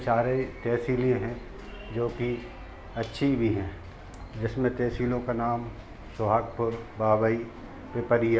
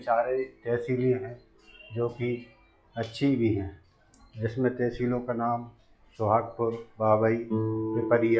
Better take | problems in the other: first | noise reduction (classical method log-MMSE)

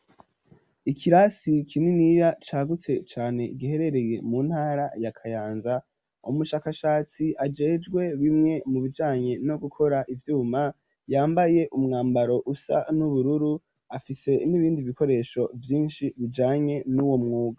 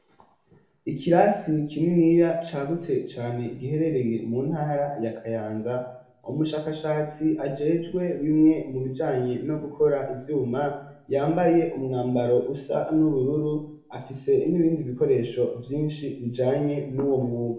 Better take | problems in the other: first | room echo; dies away in 0.6 s

